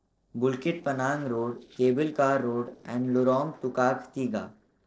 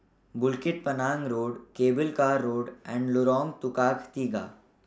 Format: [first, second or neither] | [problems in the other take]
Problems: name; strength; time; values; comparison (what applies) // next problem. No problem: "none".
second | noise reduction (neural separator model SepFormer DNS4)